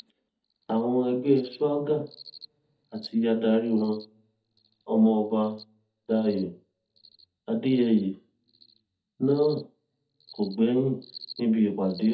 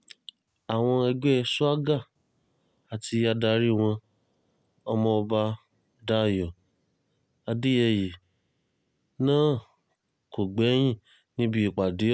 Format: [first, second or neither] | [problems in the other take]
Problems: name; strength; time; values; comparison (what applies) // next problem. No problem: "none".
second | noise reduction (neural mask model DeepFilterNet 3)